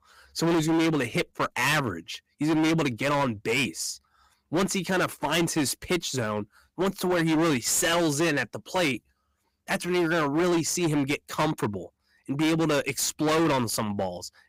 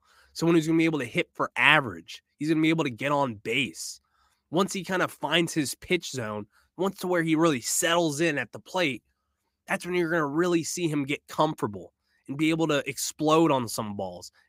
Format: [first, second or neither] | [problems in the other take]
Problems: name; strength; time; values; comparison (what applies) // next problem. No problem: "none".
second | distortion; heavy; 18% of the sound clipped